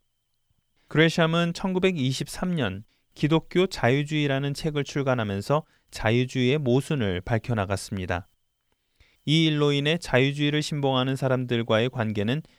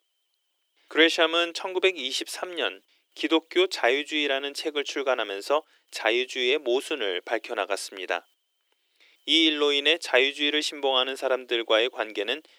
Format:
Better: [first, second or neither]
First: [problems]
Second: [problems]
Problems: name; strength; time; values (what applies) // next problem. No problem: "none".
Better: first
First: none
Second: thin; very; fading below 300 Hz